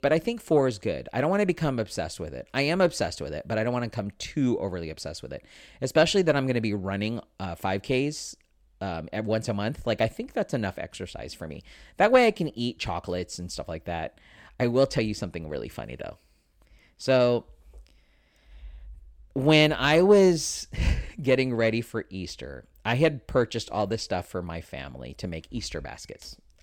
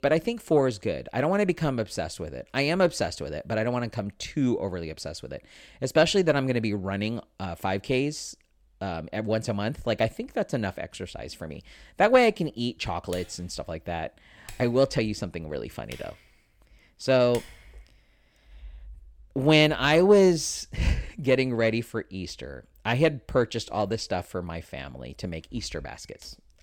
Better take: first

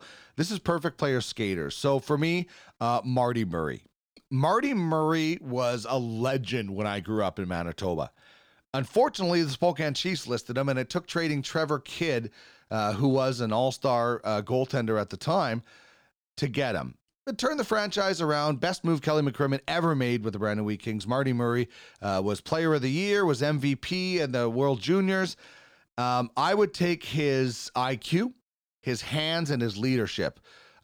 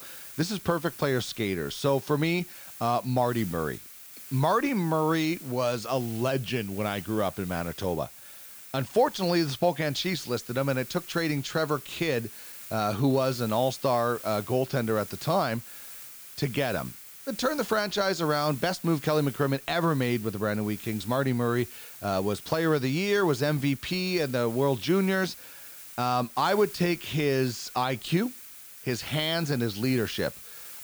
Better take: first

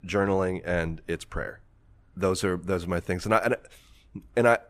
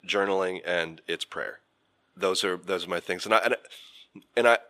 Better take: first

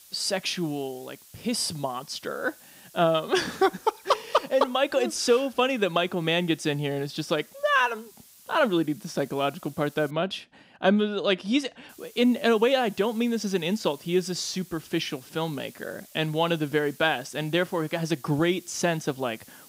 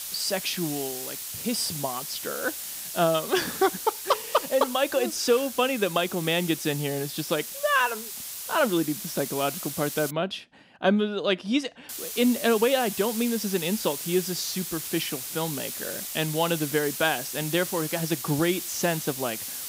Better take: first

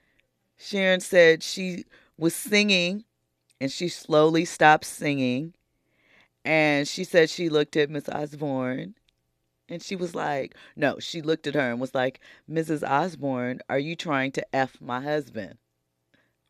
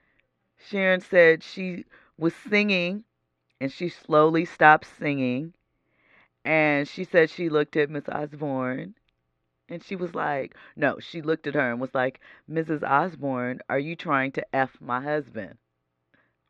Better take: first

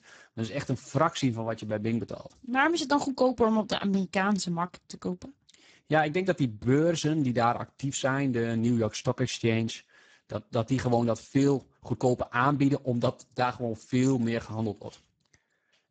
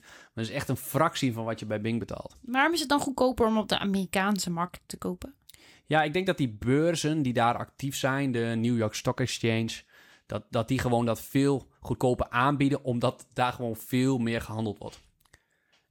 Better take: second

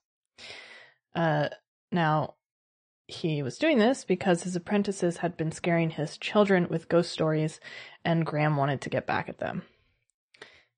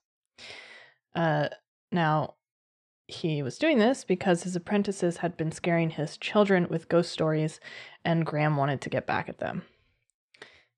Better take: second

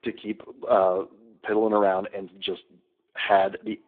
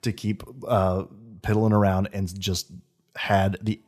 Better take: second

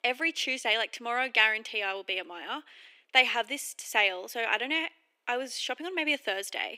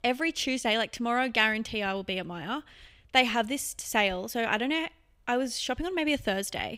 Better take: second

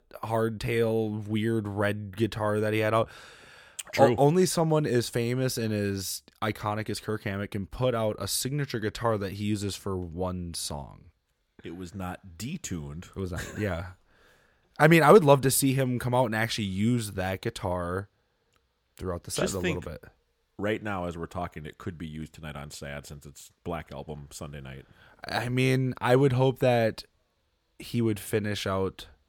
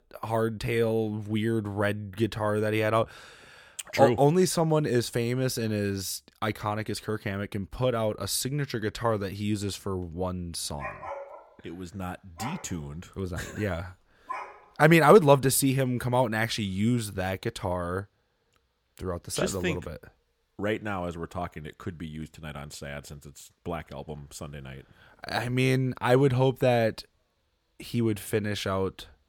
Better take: first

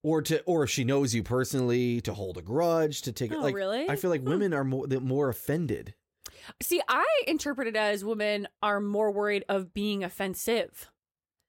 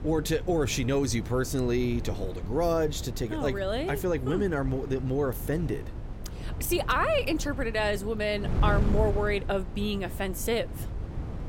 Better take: first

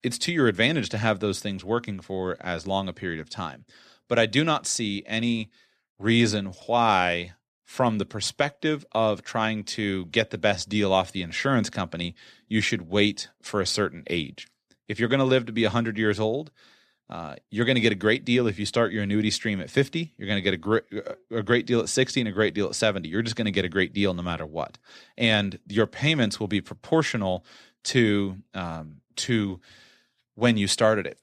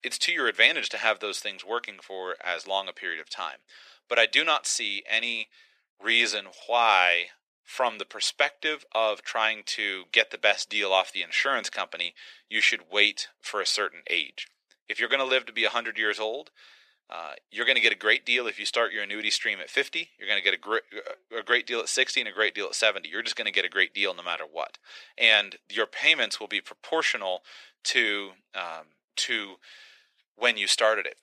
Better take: first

